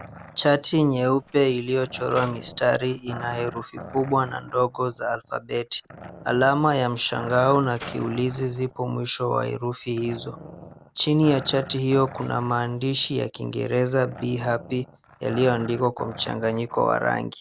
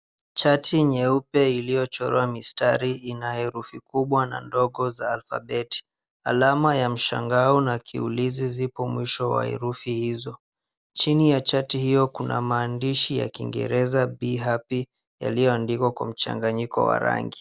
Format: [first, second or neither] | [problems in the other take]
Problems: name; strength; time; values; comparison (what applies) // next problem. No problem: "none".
second | background sound (Mechanisms + Growling); 17 dB below the speech